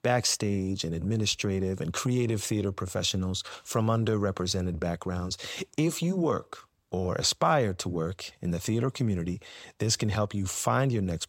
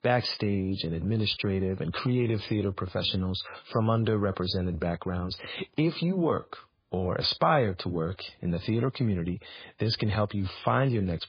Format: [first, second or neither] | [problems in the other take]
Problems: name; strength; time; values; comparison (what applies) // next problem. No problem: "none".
first | garbled, watery; badly; nothing above 5 kHz